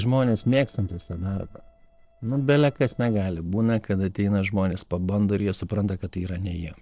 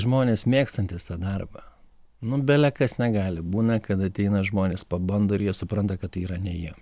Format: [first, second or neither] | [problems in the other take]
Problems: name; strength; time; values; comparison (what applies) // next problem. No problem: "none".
second | noise reduction (neural separator model SepFormer DNS4)